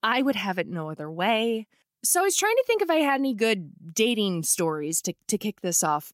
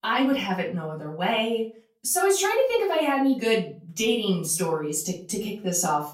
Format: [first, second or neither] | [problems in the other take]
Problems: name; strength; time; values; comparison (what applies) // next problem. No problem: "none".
first | room echo; slight; dies away in 0.3 s // off-mic speech; far